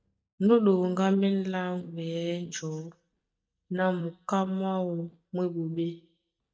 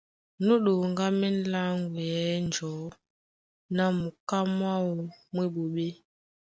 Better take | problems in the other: second | noise reduction (neural mask model DeepFilterNet 3)

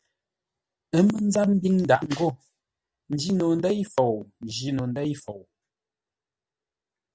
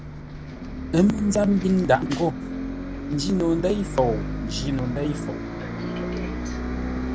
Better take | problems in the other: first | background sound (Bus); 5 dB below the speech

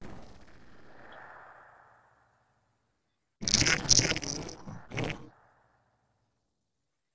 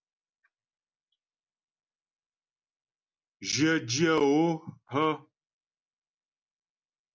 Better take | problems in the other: second | noise reduction (neural separator model SepFormer DNS4)

